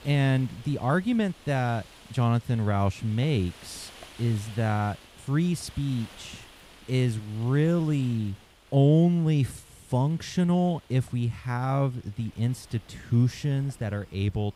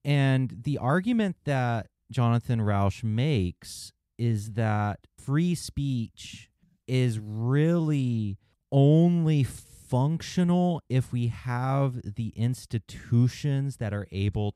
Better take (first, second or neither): second